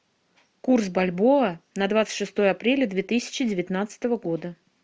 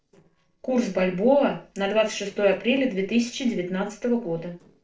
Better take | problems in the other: first | noise reduction (neural separator model SepFormer DNS4)

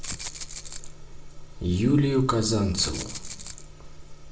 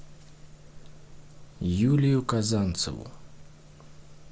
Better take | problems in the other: second | background sound (Rattle (instrument)); 11 dB below the speech // room echo; dies away in 0.6 s

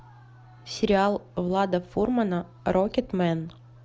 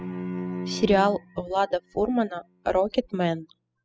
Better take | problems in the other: first | noise reduction (classical method spectral subtraction)

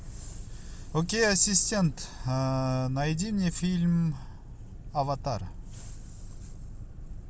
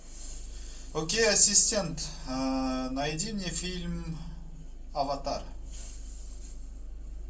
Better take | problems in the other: first | room echo; dies away in 0.2 s

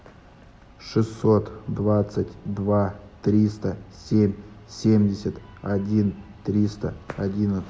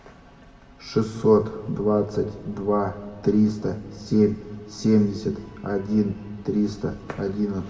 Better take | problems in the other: first | room echo; dies away in 1.3 s

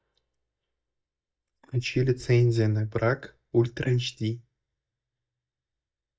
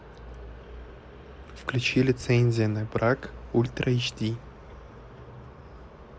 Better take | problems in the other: second | noise reduction (neural mask model DeepFilterNet 3)

